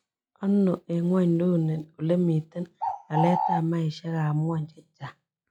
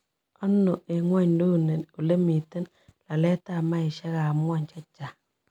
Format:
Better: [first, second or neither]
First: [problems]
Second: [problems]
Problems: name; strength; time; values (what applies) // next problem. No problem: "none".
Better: second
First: noise reduction (classical method log-MMSE)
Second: none